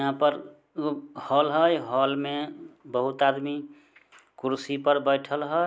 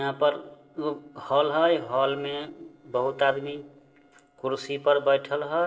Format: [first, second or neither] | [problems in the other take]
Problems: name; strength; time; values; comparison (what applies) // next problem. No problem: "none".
first | noise reduction (neural separator model SepFormer DNS4)